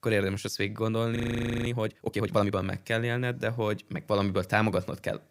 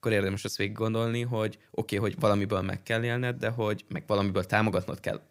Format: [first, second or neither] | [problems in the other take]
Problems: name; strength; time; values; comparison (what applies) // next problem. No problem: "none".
second | audio freezing; at 1 s for 0.5 s